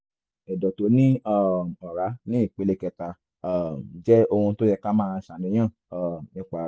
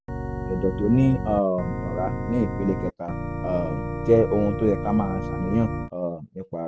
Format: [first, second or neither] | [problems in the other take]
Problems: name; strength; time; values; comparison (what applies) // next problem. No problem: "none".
first | background sound (Organ); 5 dB below the speech